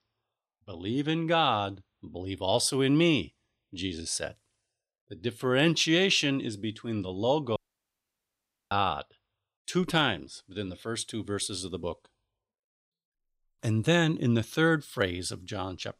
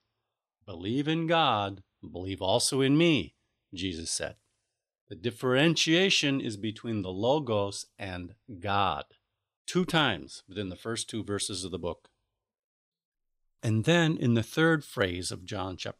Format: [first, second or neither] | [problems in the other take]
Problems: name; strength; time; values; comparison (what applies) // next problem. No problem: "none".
second | audio cutting out; at 7.5 s for 1 s